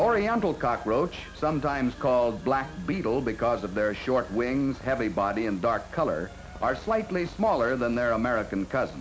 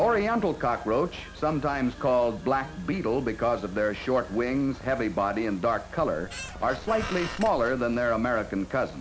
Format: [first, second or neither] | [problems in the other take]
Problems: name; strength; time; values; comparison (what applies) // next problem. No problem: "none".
first | background sound (Squeak); 12 dB below the speech